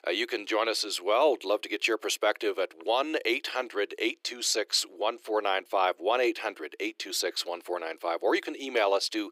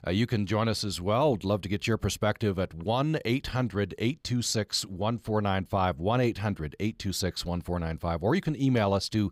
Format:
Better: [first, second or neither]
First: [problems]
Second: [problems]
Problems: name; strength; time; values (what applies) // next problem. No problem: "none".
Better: second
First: thin; very; fading below 350 Hz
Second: none